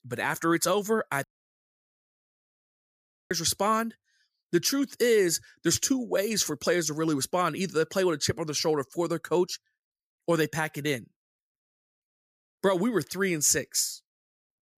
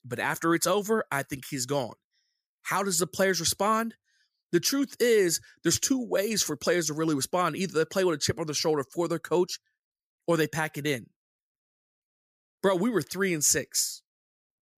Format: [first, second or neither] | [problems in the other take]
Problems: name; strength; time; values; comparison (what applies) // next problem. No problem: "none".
second | audio cutting out; at 1 s for 2 s